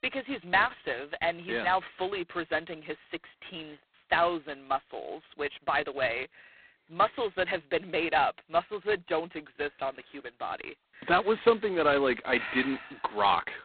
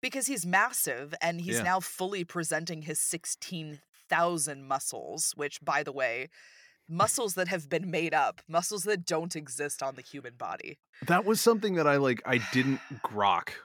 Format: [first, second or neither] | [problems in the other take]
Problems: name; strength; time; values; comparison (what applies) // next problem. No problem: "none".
second | phone-call audio; poor line; nothing above 4 kHz